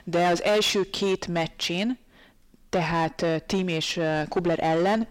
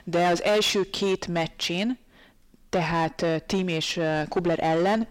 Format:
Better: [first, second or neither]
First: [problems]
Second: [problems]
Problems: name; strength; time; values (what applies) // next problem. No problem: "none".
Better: neither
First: distortion; heavy; 7 dB below the speech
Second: distortion; heavy; 7 dB below the speech